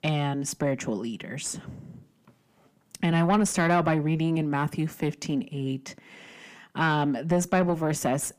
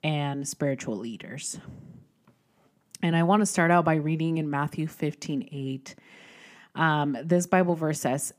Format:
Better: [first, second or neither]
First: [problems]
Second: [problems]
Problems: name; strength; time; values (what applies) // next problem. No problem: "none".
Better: second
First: distortion; slight; 10 dB below the speech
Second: none